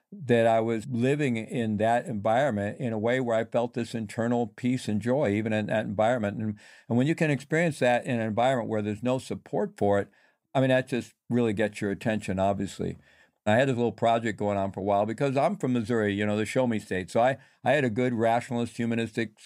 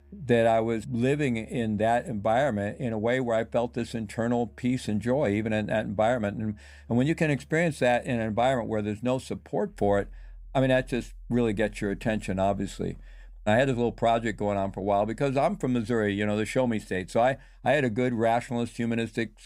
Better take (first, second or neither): first